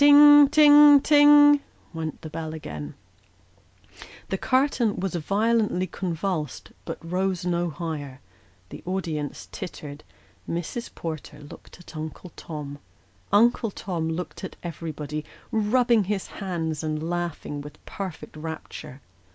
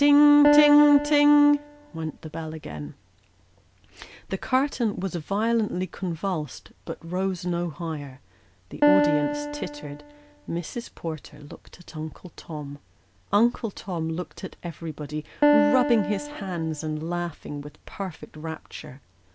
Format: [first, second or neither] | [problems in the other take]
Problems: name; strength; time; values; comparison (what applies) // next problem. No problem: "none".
first | background sound (Piano); 2 dB below the speech